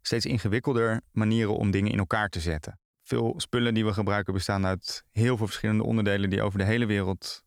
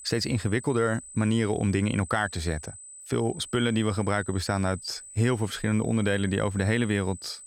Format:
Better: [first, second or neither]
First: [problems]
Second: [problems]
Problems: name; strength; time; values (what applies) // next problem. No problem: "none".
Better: first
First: none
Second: high-pitched whine; noticeable; throughout; 8 kHz, 15 dB below the speech